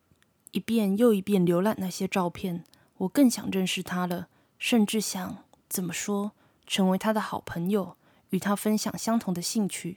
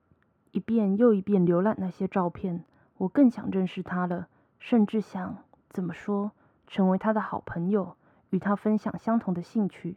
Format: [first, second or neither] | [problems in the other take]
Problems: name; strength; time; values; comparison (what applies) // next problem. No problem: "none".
first | muffled; very; fading above 3 kHz